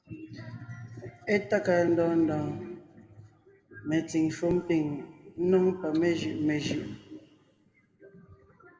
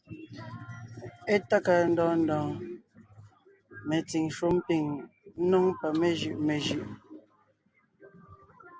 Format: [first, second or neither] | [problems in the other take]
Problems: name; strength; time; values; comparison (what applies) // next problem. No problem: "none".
second | room echo; dies away in 1.4 s